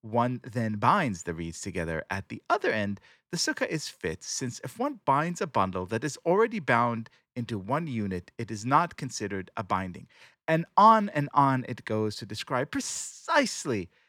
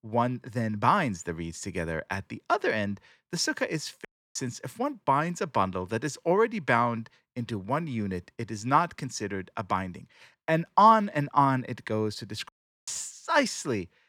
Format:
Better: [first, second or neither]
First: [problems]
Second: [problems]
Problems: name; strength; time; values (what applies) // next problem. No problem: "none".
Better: first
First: none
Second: audio cutting out; at 4 s and at 12 s